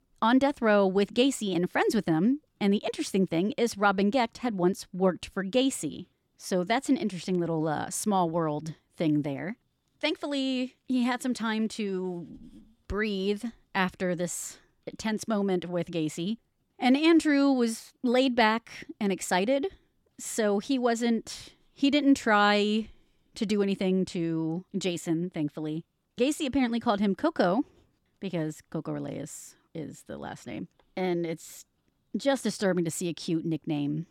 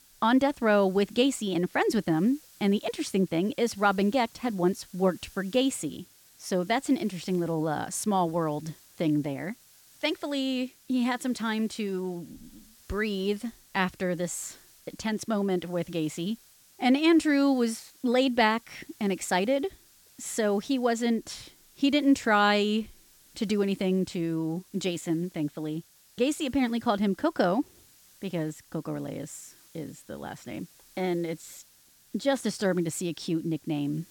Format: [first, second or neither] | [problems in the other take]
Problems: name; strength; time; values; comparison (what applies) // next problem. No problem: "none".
first | hiss; faint; throughout; 25 dB below the speech